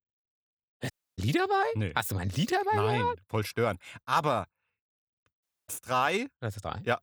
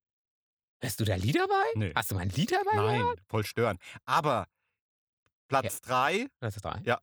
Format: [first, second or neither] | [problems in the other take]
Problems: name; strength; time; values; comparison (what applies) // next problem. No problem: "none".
second | audio cutting out; at 1 s and at 5.5 s